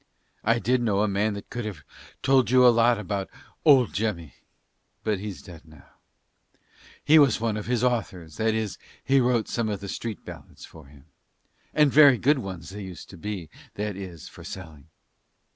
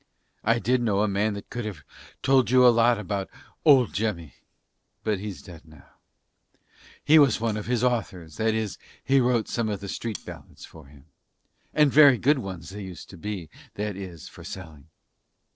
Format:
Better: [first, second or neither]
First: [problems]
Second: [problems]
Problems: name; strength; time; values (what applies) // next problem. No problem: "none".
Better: first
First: none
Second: noise reduction (neural separator model SepFormer DNS4)